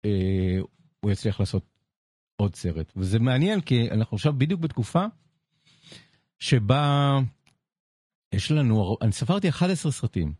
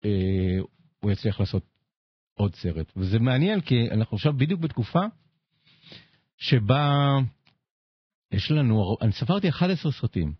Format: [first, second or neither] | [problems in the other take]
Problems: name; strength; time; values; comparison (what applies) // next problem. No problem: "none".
first | garbled, watery; badly; nothing above 5 kHz; slightly in the first